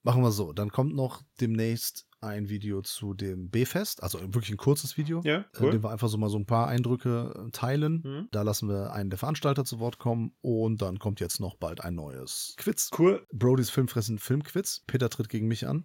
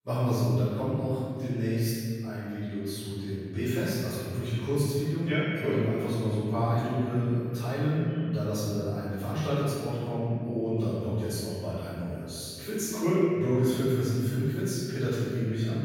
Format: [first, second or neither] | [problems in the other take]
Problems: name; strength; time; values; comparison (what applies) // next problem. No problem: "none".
first | off-mic speech; far // room echo; strong; dies away in 2.2 s